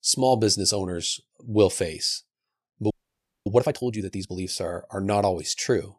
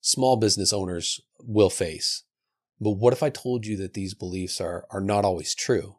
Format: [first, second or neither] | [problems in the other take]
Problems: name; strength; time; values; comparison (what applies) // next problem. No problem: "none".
second | audio freezing; at 3 s for 0.5 s